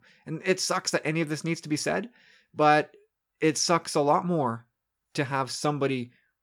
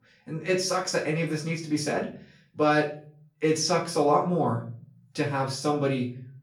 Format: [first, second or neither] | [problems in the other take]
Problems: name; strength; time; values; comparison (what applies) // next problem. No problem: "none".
first | off-mic speech; far // room echo; slight; dies away in 0.5 s